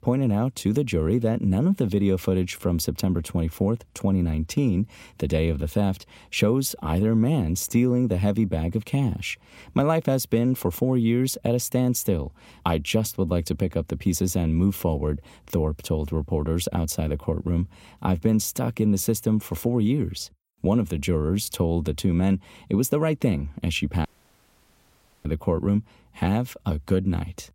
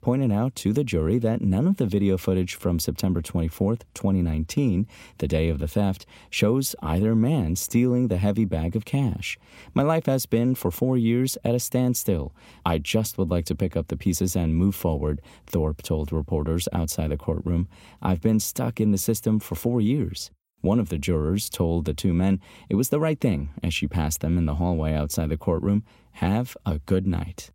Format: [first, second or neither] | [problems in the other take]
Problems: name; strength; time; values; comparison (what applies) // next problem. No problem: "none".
second | audio cutting out; at 24 s for 1 s